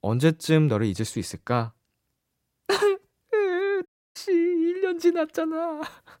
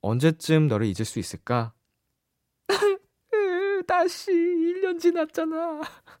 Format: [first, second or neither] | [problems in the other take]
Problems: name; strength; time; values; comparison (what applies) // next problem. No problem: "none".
second | audio cutting out; at 4 s